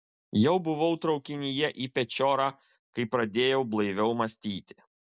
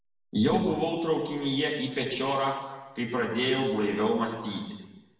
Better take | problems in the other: first | room echo; dies away in 1.1 s

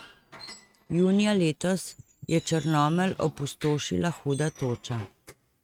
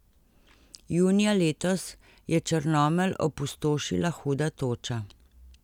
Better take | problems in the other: second | noise reduction (neural mask model RNNoise)

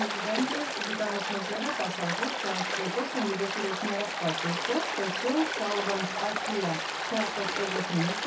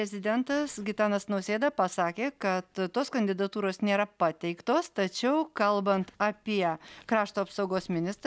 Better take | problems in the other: second | background sound (Stream); as loud as the speech // room echo; dies away in 0.3 s

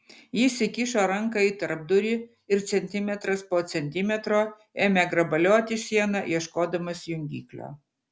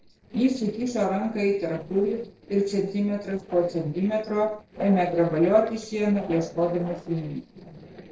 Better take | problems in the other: first | noise reduction (neural separator model SepFormer DNS4)

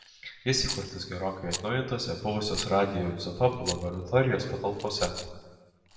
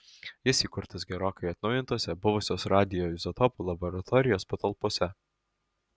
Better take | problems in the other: second | background sound (Rattle); 12 dB below the speech // room echo; dies away in 1.2 s

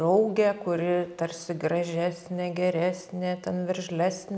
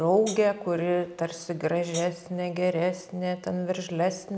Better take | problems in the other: first | background sound (Hi-hat); 13 dB below the speech

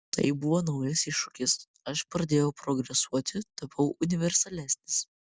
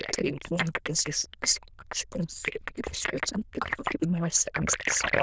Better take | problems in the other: first | noise reduction (neural diffusion model UNIVERSE++)

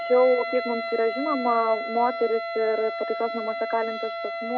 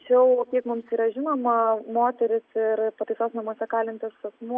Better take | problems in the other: second | background sound (Wind instrument, woodwind instrument); 6 dB below the speech

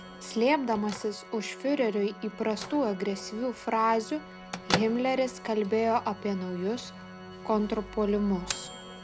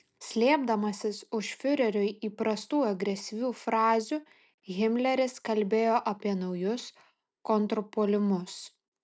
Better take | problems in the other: second | background sound (Microwave oven / Bell + Organ); 11 dB below the speech

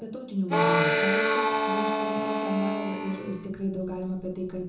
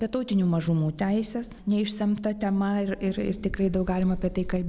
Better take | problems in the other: second | background sound (Harmonica); 5 dB above the speech // room echo; dies away in 0.6 s

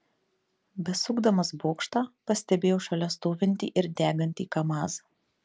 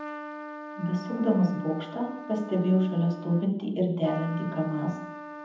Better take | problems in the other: first | background sound (Trumpet); 12 dB below the speech // room echo; dies away in 0.8 s

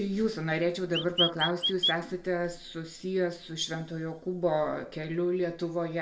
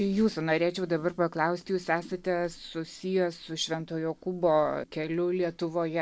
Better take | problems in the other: second | background sound (Chirp, tweet); 1 dB above the speech // room echo; dies away in 0.9 s

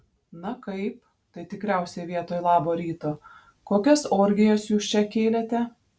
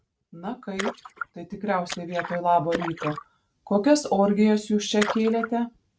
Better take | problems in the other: first | noise reduction (neural mask model RNNoise)

